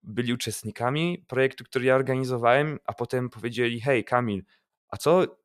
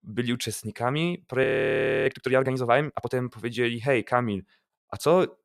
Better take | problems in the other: first | audio freezing; at 1.5 s for 0.5 s

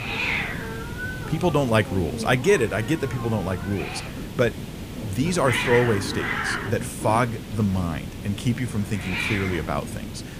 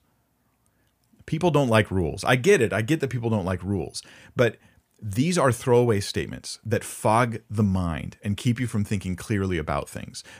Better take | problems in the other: second | hiss; loud; throughout; 5 dB below the speech

